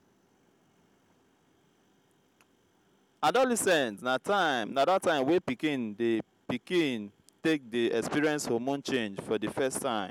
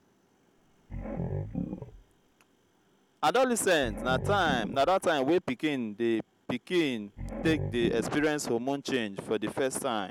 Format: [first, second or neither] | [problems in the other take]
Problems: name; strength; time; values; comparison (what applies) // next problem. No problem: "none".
first | background sound (Growling); 9 dB below the speech